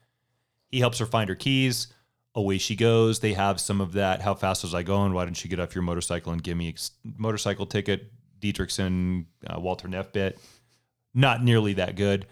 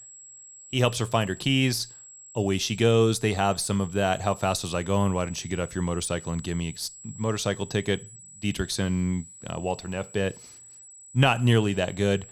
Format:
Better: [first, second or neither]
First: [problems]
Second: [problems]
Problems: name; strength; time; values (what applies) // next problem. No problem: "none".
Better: first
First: none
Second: high-pitched whine; noticeable; throughout; 7.5 kHz, 20 dB below the speech